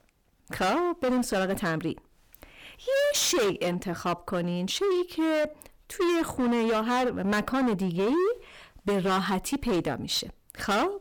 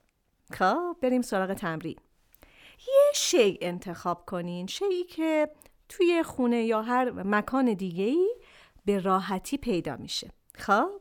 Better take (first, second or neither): second